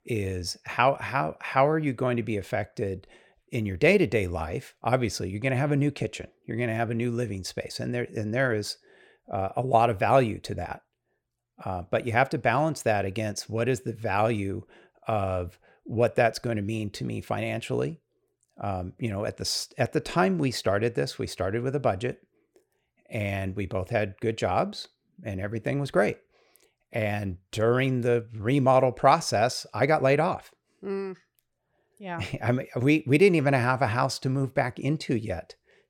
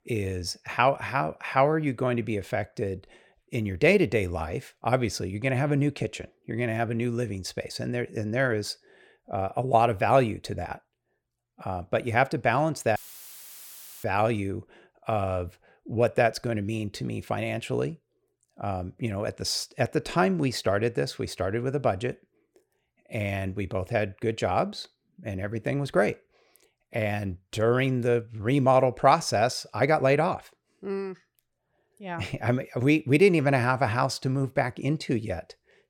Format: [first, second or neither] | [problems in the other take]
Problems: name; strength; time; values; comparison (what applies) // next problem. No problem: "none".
first | audio cutting out; filled with static; at 13 s for 1 s